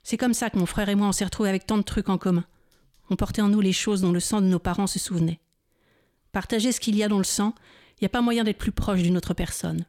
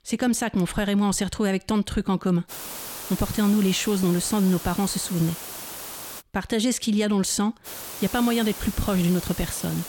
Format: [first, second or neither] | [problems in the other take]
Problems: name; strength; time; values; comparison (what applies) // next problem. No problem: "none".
first | hiss; noticeable; from 2.5 to 6 s and from 7.5 s on; 10 dB below the speech